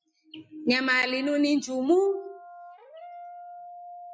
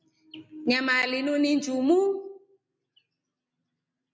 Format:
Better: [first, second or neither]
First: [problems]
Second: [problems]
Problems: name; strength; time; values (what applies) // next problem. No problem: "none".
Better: second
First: noise reduction (classical method Wiener filter)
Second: none